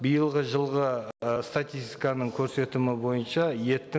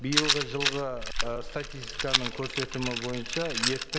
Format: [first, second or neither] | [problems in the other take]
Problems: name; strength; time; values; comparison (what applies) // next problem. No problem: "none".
first | background sound (Rattle); 2 dB above the speech